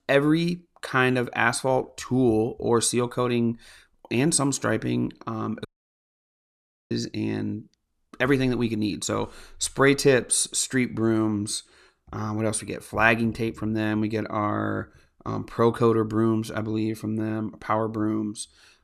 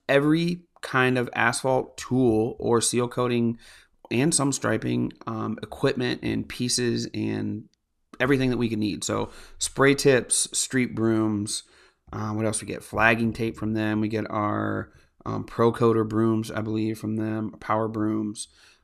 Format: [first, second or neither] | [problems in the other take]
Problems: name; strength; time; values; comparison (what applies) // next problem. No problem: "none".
second | audio cutting out; at 5.5 s for 1.5 s